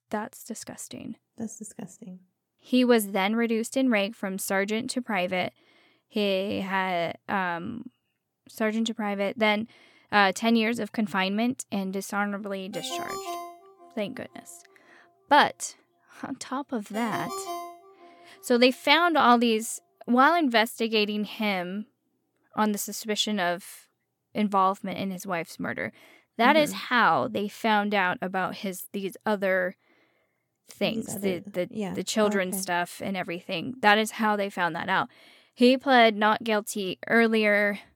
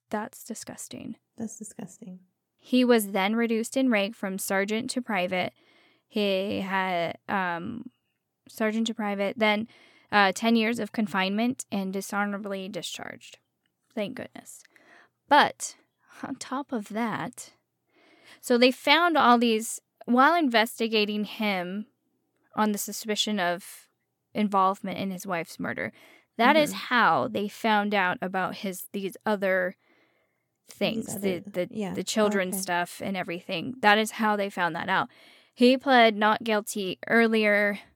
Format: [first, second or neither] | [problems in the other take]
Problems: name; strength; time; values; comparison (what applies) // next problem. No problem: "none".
second | phone ringing; noticeable; from 13 to 18 s; peak 9 dB below the speech